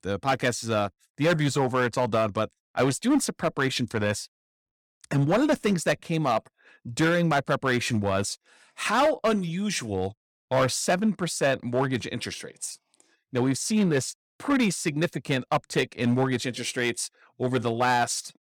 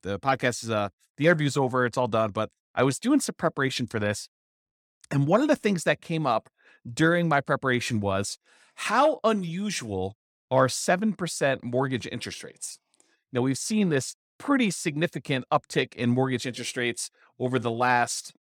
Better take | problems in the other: second | distortion; slight; 5% of the sound clipped

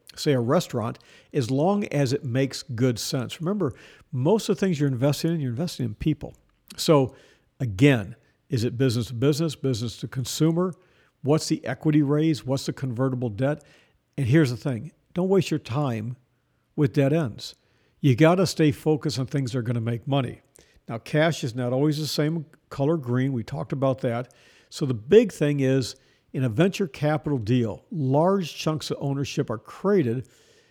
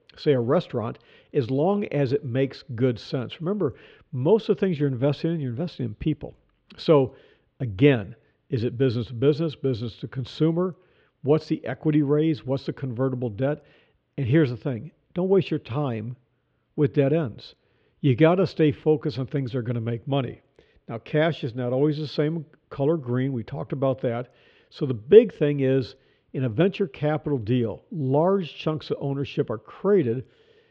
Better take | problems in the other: first | muffled; slightly; fading above 3.5 kHz

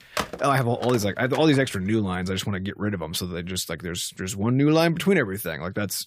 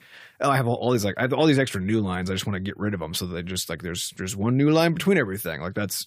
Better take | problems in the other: second | phone ringing; noticeable; until 1.5 s; peak 6 dB below the speech

